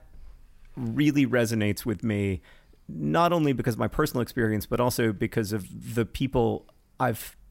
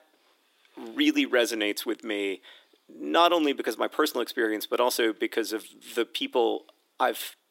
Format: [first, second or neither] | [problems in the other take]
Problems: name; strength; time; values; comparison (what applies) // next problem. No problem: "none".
first | thin; somewhat; fading below 300 Hz